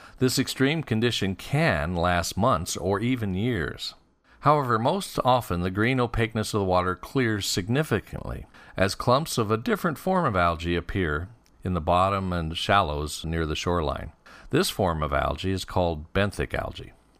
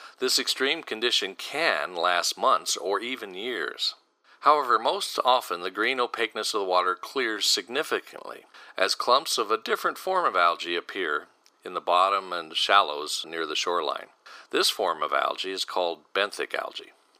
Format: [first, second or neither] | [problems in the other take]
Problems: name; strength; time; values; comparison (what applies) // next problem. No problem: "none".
first | thin; very; fading below 350 Hz